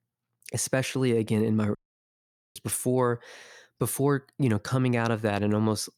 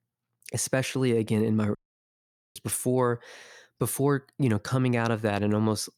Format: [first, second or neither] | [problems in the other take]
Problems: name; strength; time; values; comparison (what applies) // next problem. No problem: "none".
neither | audio cutting out; at 2 s for 1 s; the same in both